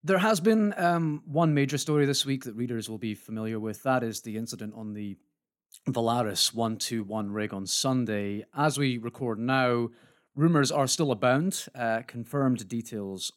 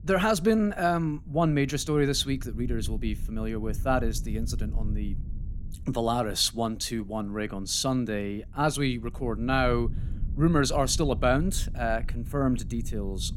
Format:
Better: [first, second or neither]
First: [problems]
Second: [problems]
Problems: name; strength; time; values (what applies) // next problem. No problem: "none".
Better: first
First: none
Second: low rumble; faint; throughout; 25 dB below the speech